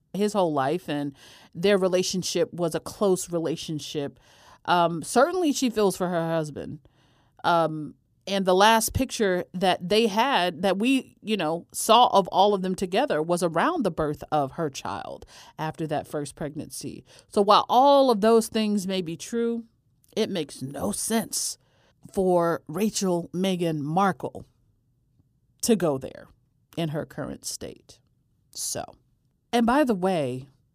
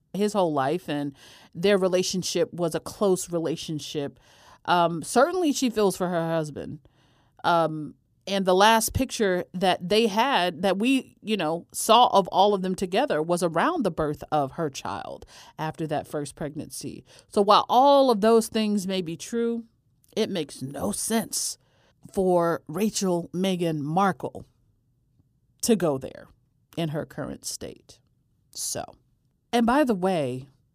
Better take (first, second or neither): neither